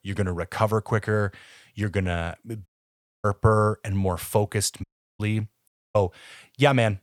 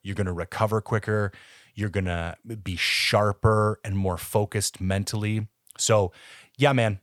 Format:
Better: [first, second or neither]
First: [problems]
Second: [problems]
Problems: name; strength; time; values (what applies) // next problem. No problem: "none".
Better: second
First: audio cutting out; at 2.5 s for 0.5 s, at 5 s and at 5.5 s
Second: none